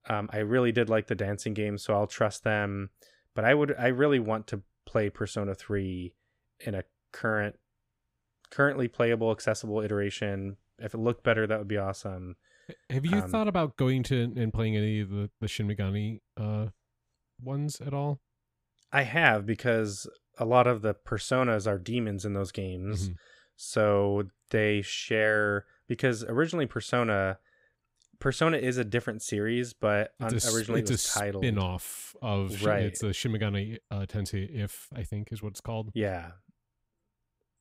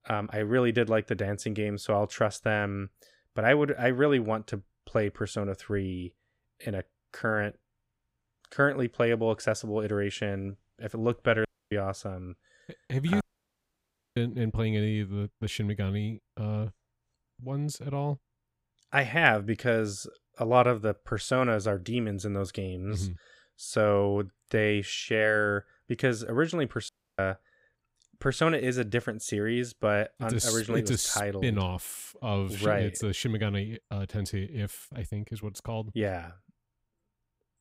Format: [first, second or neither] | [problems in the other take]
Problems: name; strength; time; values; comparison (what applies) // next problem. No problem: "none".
first | audio cutting out; at 11 s, at 13 s for 1 s and at 27 s